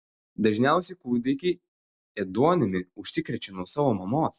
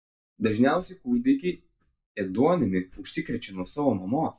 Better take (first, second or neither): first